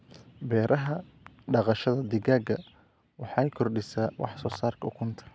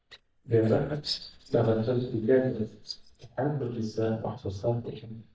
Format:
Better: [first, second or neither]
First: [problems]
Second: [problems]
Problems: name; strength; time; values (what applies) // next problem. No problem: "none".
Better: first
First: none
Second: noise reduction (neural mask model DeepFilterNet 3)